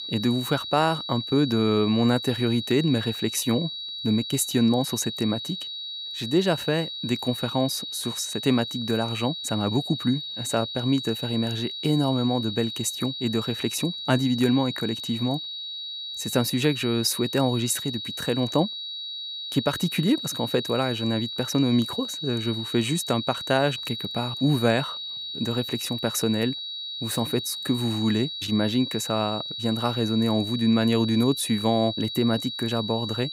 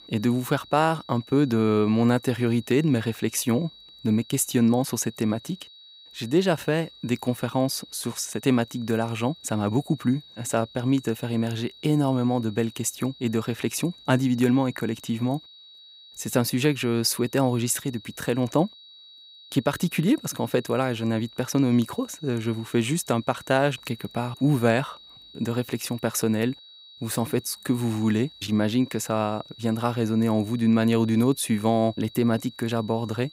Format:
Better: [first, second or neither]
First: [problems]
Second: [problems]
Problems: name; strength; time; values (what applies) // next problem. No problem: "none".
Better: second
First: high-pitched whine; loud; throughout; 4 kHz, 6 dB below the speech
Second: high-pitched whine; faint; throughout; 4 kHz, 20 dB below the speech